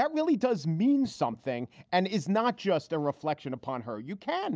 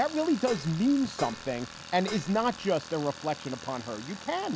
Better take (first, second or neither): first